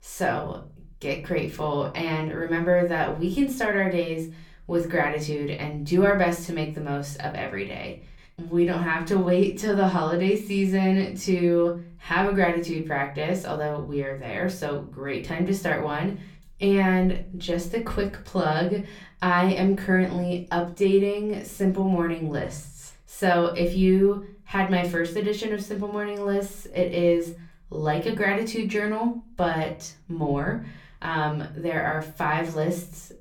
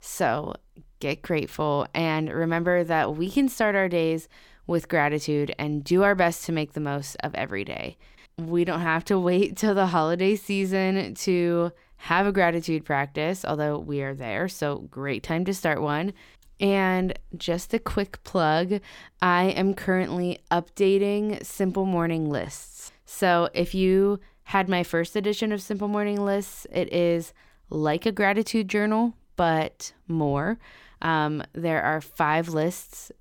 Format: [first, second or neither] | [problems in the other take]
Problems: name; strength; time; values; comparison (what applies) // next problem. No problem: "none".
second | off-mic speech; somewhat distant // room echo; very slight; dies away in 0.4 s